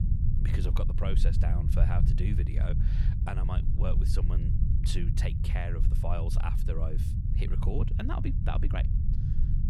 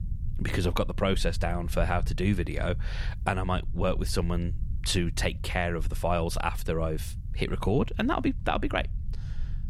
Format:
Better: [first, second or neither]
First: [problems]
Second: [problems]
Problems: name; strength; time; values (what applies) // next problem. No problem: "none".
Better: second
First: low rumble; loud; throughout; 4 dB below the speech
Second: low rumble; faint; throughout; 20 dB below the speech